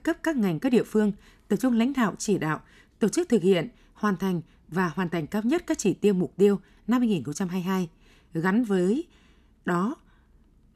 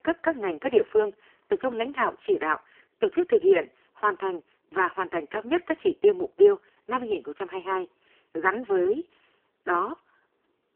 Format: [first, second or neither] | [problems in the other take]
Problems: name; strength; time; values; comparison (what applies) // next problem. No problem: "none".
first | phone-call audio; poor line